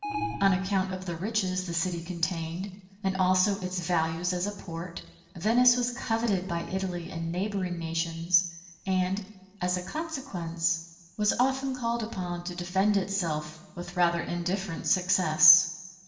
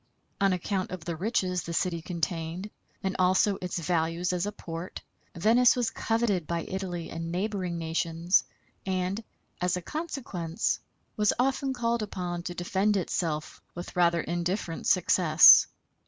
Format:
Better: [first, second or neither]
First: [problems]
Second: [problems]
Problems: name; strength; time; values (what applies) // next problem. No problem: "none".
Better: second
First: background sound (Alarm); 7 dB below the speech // room echo; dies away in 1.1 s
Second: none